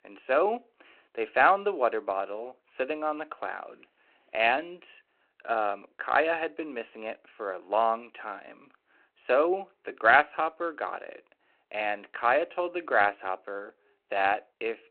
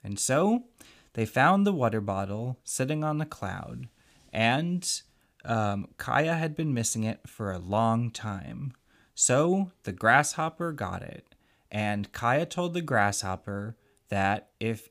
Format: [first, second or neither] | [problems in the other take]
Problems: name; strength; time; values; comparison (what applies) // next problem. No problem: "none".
second | phone-call audio; nothing above 4 kHz